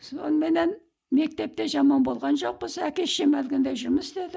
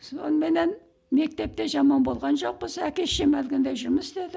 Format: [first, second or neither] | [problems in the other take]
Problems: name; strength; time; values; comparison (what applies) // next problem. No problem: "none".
second | noise reduction (neural mask model Resemble Enhance denoiser)